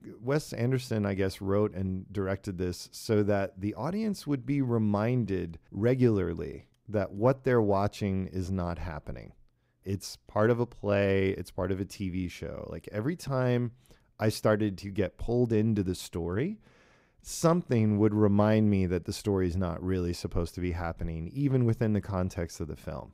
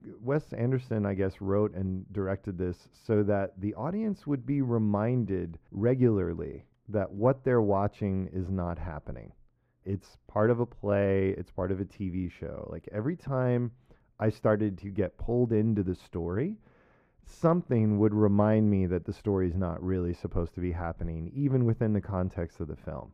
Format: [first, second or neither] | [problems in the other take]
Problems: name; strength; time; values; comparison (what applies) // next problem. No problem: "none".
first | muffled; very; fading above 3 kHz